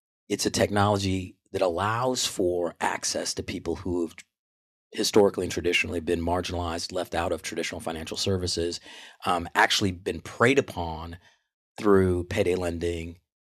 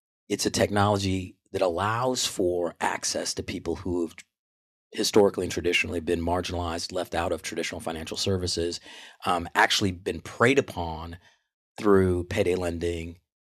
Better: neither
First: none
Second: none

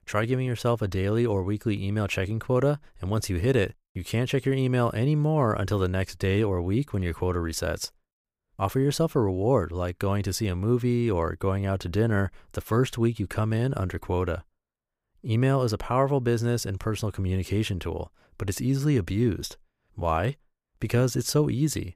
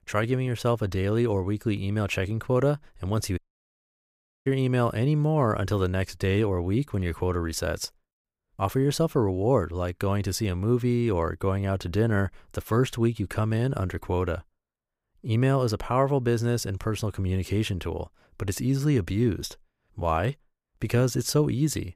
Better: first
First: none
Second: audio cutting out; at 3.5 s for 1 s

